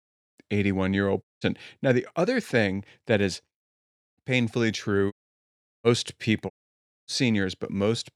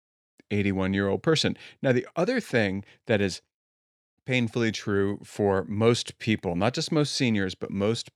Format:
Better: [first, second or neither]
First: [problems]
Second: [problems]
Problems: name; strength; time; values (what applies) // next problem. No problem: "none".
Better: second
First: audio cutting out; at 1 s, at 5 s for 0.5 s and at 6.5 s for 0.5 s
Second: none